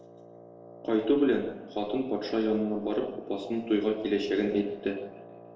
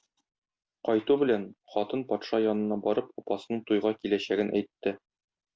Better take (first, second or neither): second